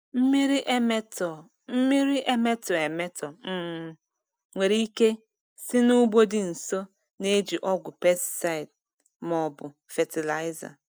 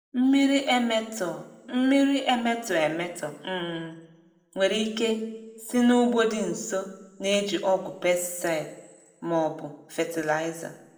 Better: first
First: none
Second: room echo; dies away in 0.8 s

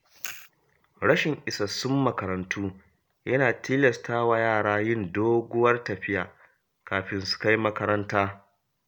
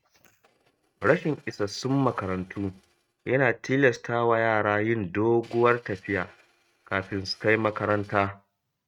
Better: first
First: none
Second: noise reduction (neural mask model RNNoise)

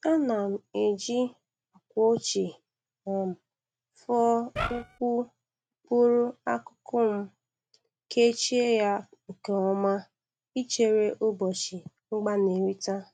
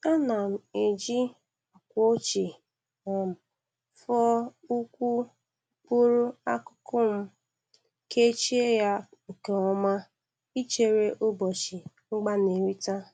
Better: second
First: noise reduction (neural mask model RNNoise)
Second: none

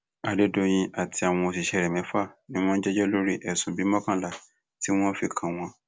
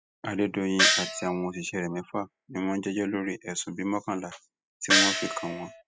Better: first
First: none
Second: noise reduction (classical method spectral subtraction)

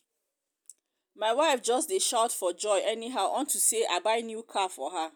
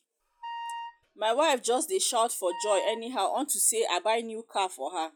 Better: first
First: none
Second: noise reduction (classical method log-MMSE)

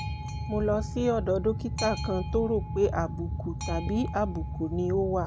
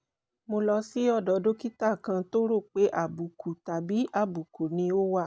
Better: second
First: background sound (Boat, Water vehicle); 4 dB below the speech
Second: none

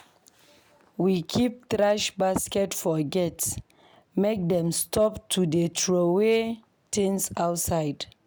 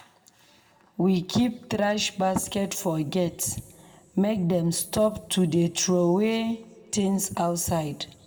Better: first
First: none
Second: room echo; dies away in 1.2 s

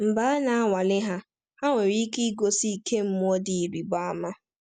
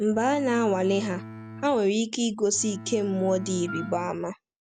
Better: first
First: none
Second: background sound (Wind instrument, woodwind instrument + Bowed string instrument); 14 dB below the speech

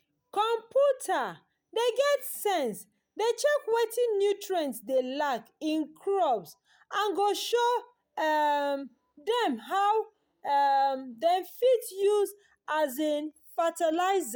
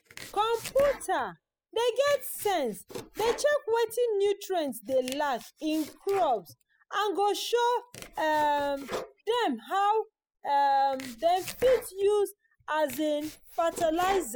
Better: first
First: none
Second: noise reduction (classical method spectral subtraction)

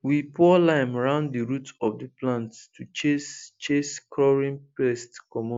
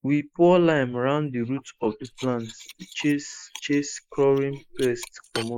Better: first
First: none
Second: noise reduction (neural mask model Resemble Enhance denoiser)

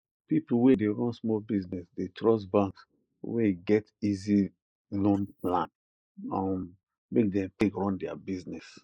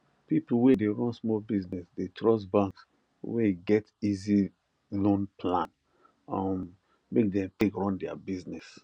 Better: second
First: noise reduction (neural mask model Resemble Enhance denoiser)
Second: none

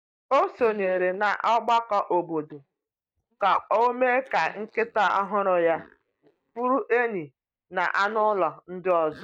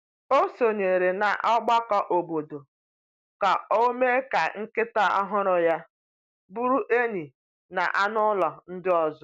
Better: second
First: noise reduction (neural mask model DeepFilterNet 3)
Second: none

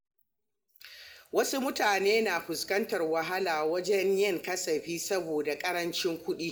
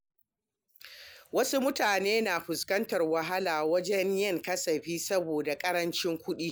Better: second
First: room echo; dies away in 1.3 s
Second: none

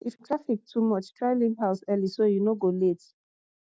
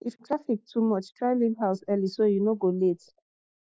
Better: first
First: none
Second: noise reduction (neural mask model Resemble Enhance denoiser)

